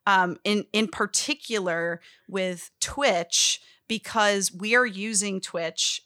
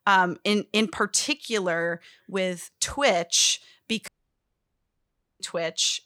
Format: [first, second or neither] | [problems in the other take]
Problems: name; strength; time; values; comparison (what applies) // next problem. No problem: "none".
first | audio cutting out; at 4 s for 1.5 s